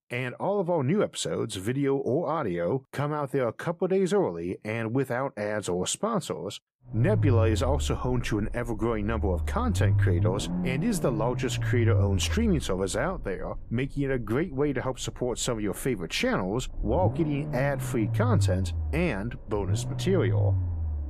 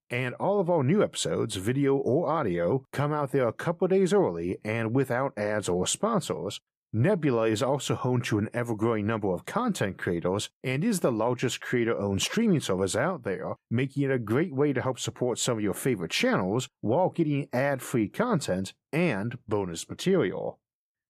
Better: second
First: low rumble; noticeable; from 7 s on; 10 dB below the speech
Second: none

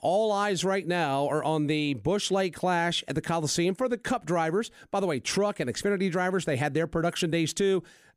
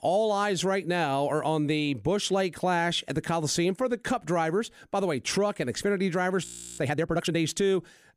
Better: first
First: none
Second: audio freezing; at 6.5 s

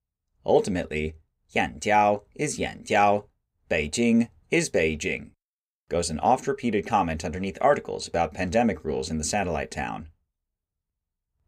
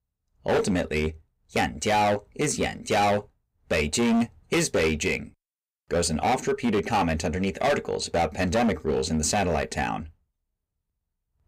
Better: first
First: none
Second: distortion; heavy; 11% of the sound clipped

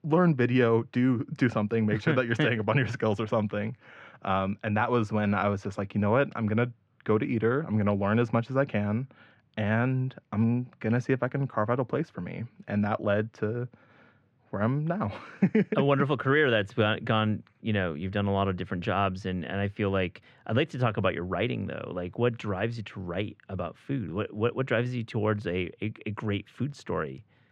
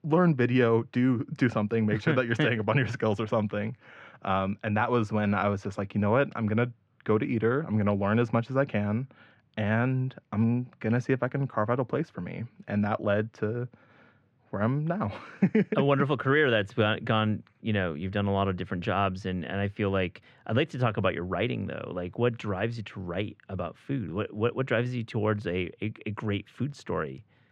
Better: neither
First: muffled; slightly; fading above 2.5 kHz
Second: muffled; slightly; fading above 2.5 kHz

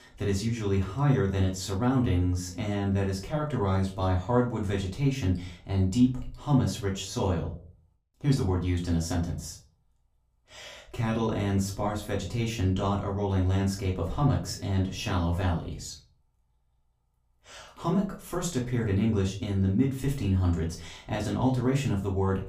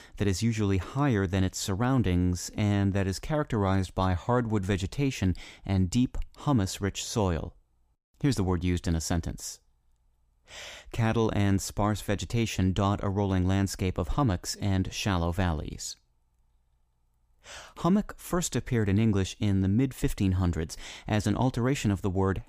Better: second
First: off-mic speech; far // room echo; slight; dies away in 0.3 s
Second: none

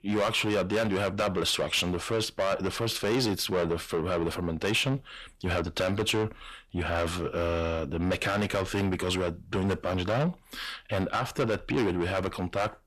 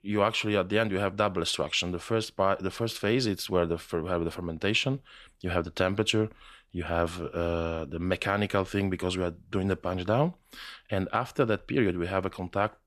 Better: second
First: distortion; heavy; 6 dB below the speech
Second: none

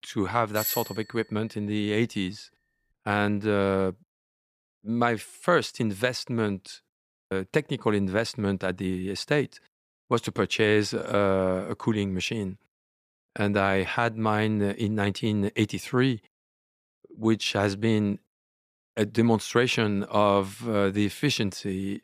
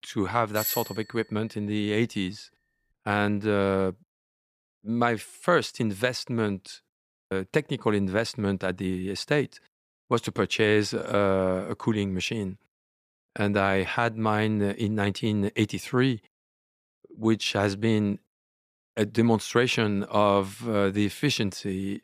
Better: neither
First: doorbell; noticeable; at 0.5 s; peak 3 dB below the speech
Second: doorbell; noticeable; at 0.5 s; peak 3 dB below the speech

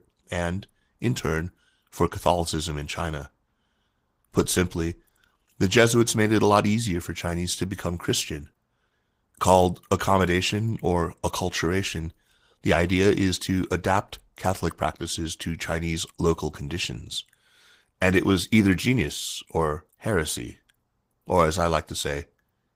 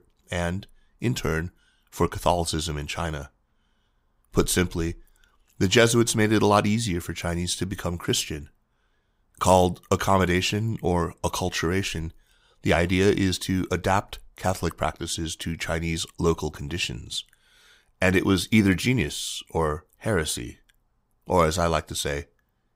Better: second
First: garbled, watery; slightly; nothing above 15.5 kHz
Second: none

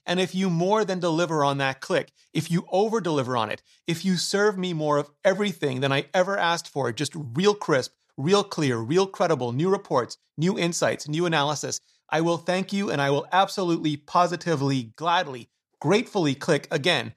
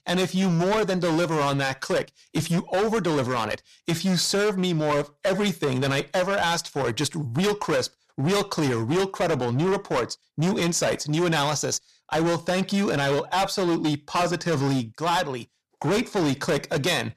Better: first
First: none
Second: distortion; heavy; 22% of the sound clipped

